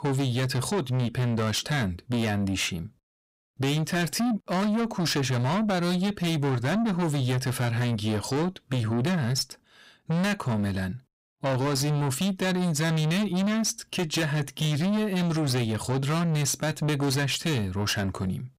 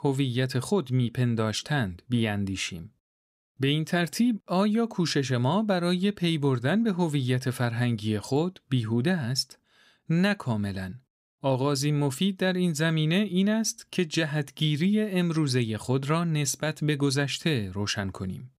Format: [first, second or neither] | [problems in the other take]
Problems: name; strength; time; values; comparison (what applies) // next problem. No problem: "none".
second | distortion; heavy; 7 dB below the speech